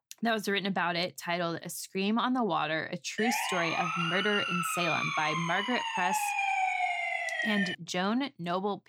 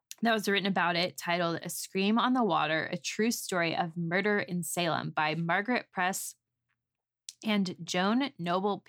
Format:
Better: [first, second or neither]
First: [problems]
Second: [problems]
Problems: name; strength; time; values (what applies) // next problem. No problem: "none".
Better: second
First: siren; loud; from 3 to 8 s; peak 3 dB above the speech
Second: none